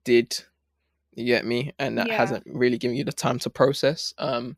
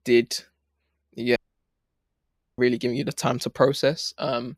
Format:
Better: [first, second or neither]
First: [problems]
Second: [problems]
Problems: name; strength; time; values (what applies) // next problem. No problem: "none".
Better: first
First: none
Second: audio cutting out; at 1.5 s for 1 s